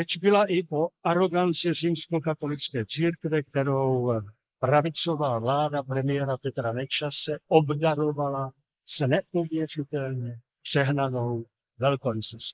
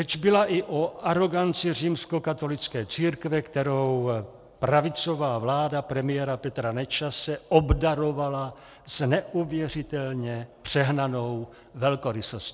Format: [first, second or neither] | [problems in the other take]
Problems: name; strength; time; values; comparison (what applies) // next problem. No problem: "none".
second | noise reduction (neural mask model Resemble Enhance denoiser)